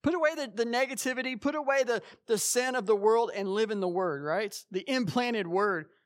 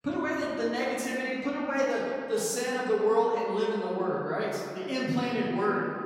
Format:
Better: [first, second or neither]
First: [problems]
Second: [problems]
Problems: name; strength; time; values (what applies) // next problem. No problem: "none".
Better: first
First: none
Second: off-mic speech; far // room echo; noticeable; dies away in 2.4 s